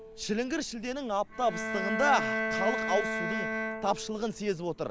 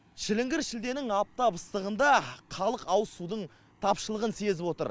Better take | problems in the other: second | background sound (Bowed string instrument); 3 dB below the speech

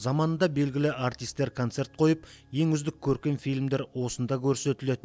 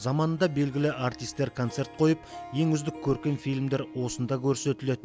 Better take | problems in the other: first | background sound (Harp); 17 dB below the speech

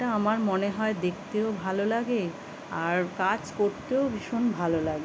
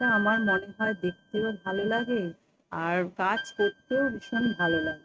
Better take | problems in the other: first | noise reduction (neural mask model RNNoise)

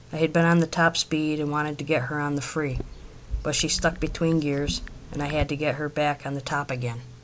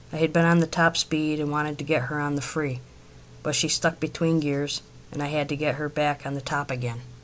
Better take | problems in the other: second | background sound (Chatter / Chirp, tweet / Car passing by / Typing); 10 dB below the speech

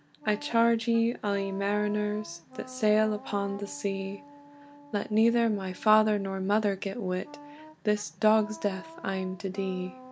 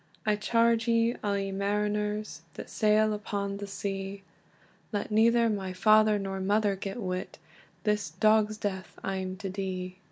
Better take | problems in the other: second | background sound (Wind instrument, woodwind instrument); 19 dB below the speech

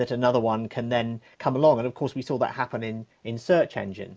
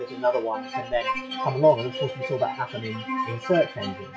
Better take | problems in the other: first | noise reduction (classical method log-MMSE)

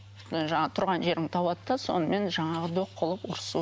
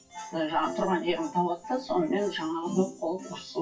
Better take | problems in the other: first | noise reduction (classical method WPE with log-MMSE)

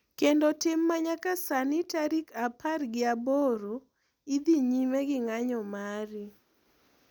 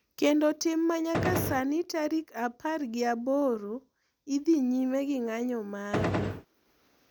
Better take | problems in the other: first | background sound (Gunshot, gunfire); as loud as the speech

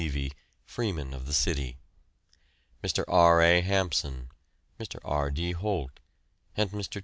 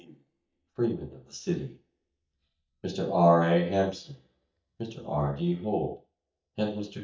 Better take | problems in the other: first | noise reduction (neural mask model DeepFilterNet 3)

